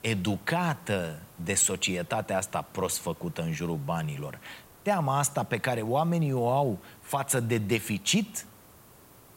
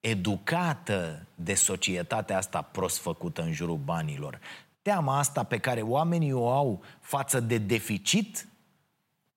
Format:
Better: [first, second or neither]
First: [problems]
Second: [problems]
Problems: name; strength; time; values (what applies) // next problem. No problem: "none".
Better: second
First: hiss; faint; throughout; 25 dB below the speech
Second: none